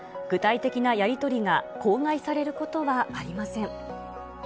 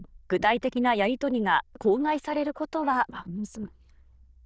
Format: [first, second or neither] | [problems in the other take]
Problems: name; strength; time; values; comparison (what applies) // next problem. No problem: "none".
first | noise reduction (neural diffusion model UNIVERSE++)